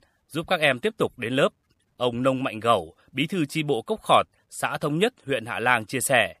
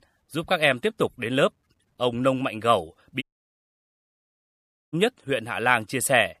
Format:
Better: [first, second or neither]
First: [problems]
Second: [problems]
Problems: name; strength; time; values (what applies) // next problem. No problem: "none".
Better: first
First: none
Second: audio cutting out; at 3 s for 1.5 s